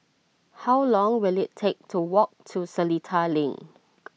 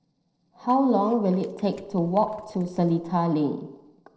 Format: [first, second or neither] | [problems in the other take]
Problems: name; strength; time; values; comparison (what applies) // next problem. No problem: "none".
first | noise reduction (neural separator model SepFormer DNS4)